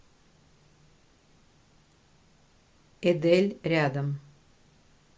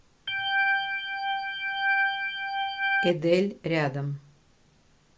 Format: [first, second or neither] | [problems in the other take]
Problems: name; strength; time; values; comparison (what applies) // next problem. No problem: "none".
first | background sound (Organ); 4 dB above the speech